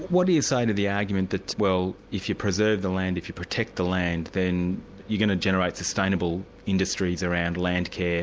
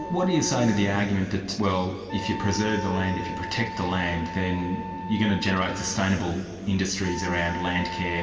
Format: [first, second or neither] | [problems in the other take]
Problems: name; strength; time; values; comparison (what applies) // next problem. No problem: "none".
first | background sound (Wind instrument, woodwind instrument); 11 dB below the speech // room echo; dies away in 2.4 s